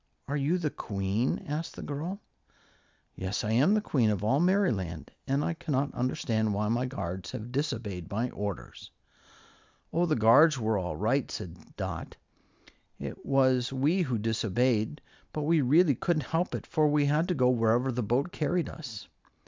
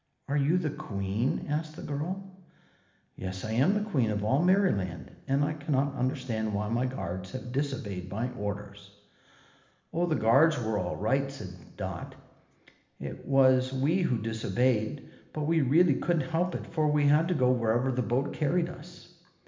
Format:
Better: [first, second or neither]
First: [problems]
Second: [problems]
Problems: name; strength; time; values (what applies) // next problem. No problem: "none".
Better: first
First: none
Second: room echo; dies away in 1.1 s